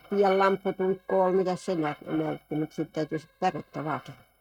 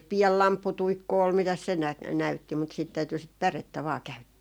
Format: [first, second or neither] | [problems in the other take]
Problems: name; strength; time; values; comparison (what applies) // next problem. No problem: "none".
second | noise reduction (neural mask model RNNoise)